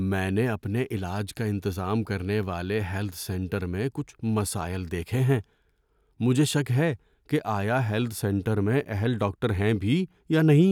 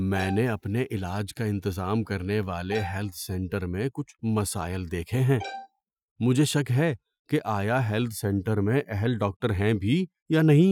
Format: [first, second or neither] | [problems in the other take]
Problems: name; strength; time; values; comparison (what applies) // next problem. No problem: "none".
first | noise reduction (classical method Wiener filter)